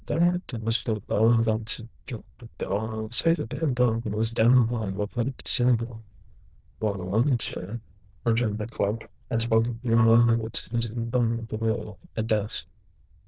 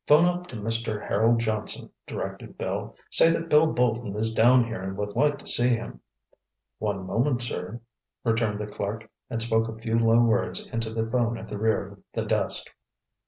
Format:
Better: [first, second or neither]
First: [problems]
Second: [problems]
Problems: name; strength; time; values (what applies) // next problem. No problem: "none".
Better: second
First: noise reduction (neural diffusion model UNIVERSE++)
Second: none